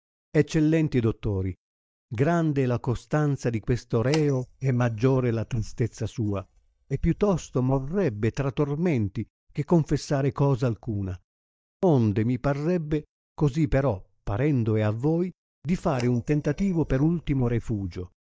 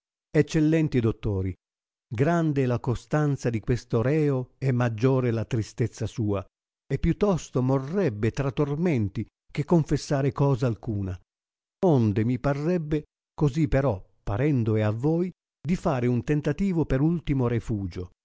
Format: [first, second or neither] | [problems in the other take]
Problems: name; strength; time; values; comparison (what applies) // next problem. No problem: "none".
second | noise reduction (neural mask model DeepFilterNet 3)